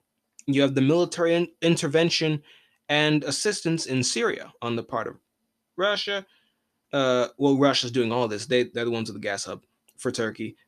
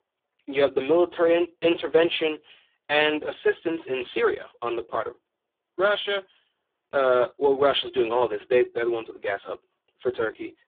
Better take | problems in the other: first | phone-call audio; poor line; nothing above 3.5 kHz

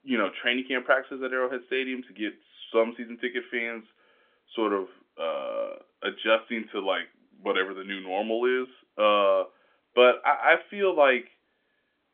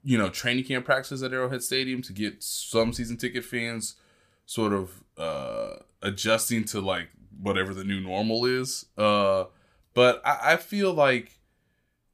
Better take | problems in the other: second | phone-call audio; nothing above 3.5 kHz

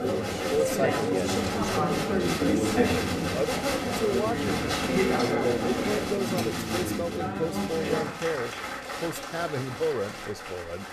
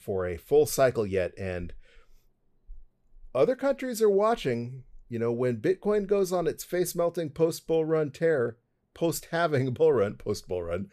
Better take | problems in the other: second | crowd noise; very loud; throughout; 4 dB above the speech

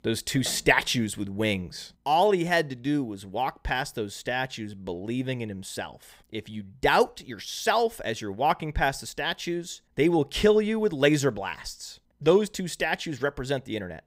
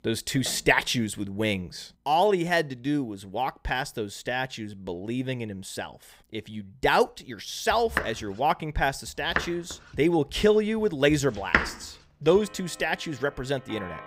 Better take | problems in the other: first | household noises; loud; from 7.5 s on; 3 dB below the speech

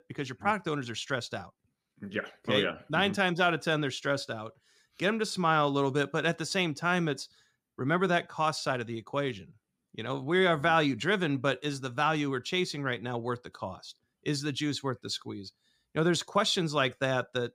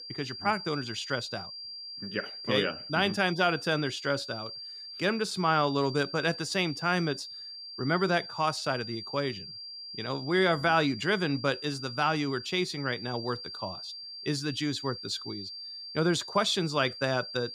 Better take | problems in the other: first | high-pitched whine; loud; throughout; 4.5 kHz, 10 dB below the speech

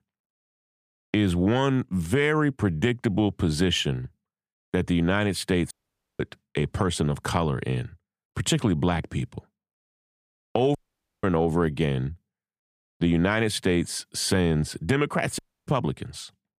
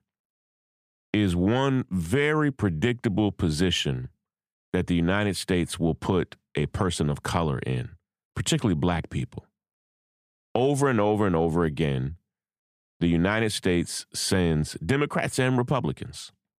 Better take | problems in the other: second | audio cutting out; at 5.5 s, at 11 s and at 15 s

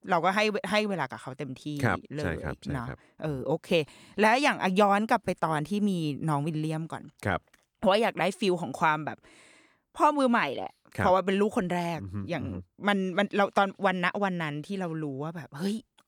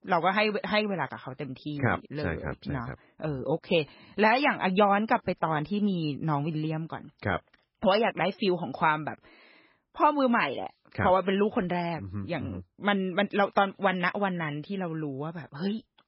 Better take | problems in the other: first | garbled, watery; badly; nothing above 5.5 kHz

